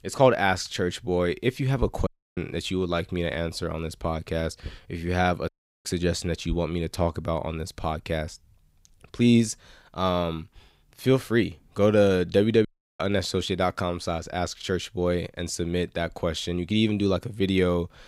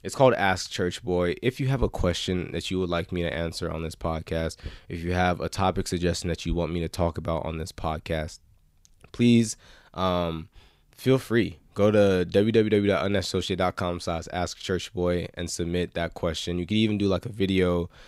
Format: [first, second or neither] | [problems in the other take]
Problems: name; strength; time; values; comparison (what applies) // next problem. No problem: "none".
second | audio cutting out; at 2 s, at 5.5 s and at 13 s